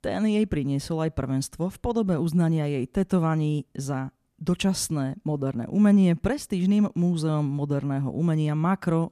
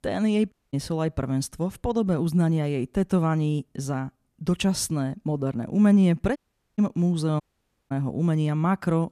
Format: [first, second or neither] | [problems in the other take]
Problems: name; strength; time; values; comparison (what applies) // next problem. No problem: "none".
first | audio cutting out; at 0.5 s, at 6.5 s and at 7.5 s for 0.5 s